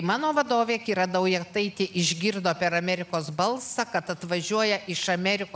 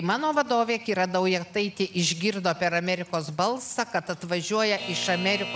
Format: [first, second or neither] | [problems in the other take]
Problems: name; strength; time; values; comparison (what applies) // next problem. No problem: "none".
first | background sound (Alarm / Clock); 16 dB below the speech